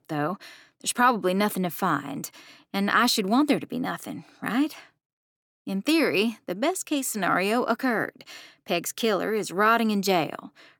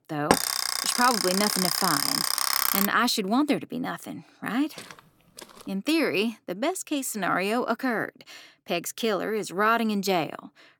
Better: first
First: none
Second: alarm; loud; until 3 s; peak 5 dB above the speech // footsteps; faint; at 5 s; peak 15 dB below the speech

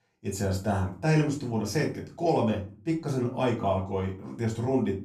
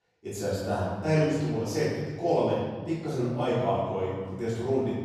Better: first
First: room echo; slight; dies away in 0.3 s // off-mic speech; far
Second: room echo; strong; dies away in 1.5 s // off-mic speech; far

